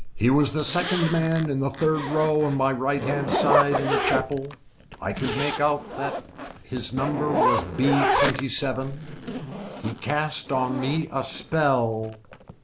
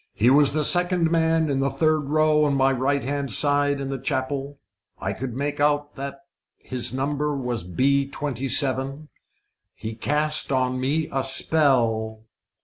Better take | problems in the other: second | background sound (Zipper (clothing)); 3 dB below the speech

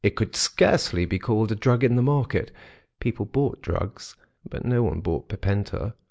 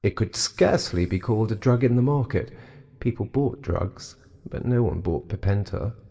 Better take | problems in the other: first | room echo; dies away in 1.4 s

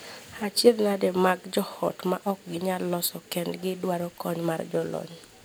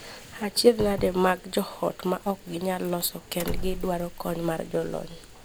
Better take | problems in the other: first | background sound (Doorbell); 10 dB below the speech

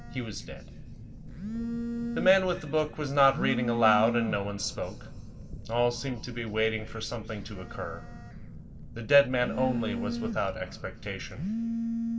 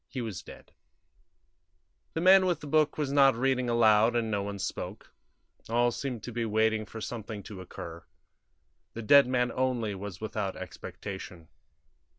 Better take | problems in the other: second | background sound (Telephone); 6 dB below the speech // room echo; dies away in 2 s

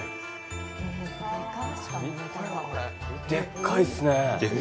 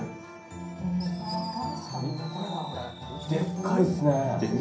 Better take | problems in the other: first | background sound (Fireworks); 18 dB below the speech // room echo; dies away in 0.6 s

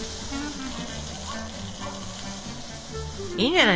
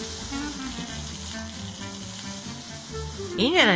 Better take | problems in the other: second | background sound (Dog); 12 dB below the speech

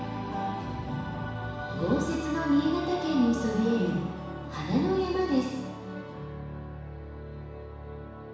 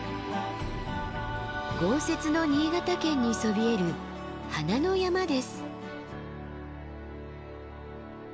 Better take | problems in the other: second | room echo; dies away in 1.1 s

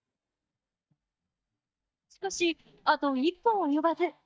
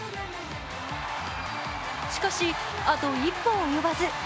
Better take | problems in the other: second | noise reduction (neural mask model DeepFilterNet 3)

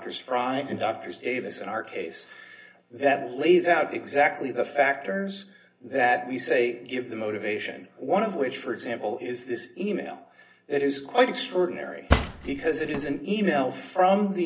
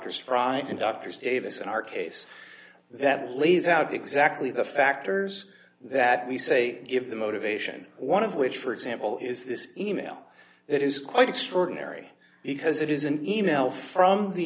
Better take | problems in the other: second | background sound (Cutlery, silverware / Drawer open or close); 1 dB below the speech // room echo; dies away in 0.4 s

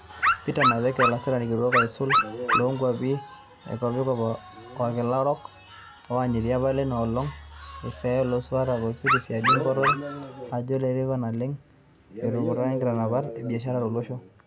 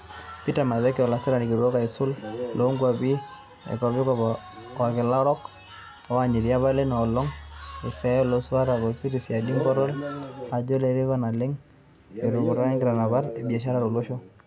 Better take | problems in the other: second | background sound (Dog); 2 dB above the speech

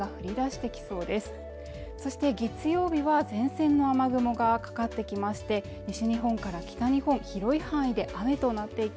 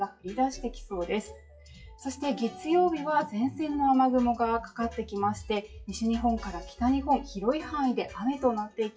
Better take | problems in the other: first | noise reduction (classical method WPE with log-MMSE)

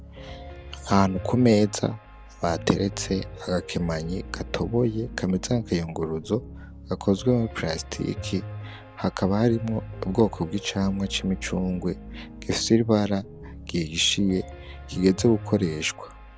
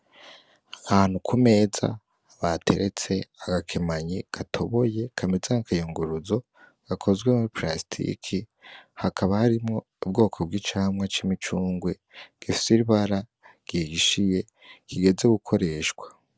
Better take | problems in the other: second | background sound (Piano); 13 dB below the speech

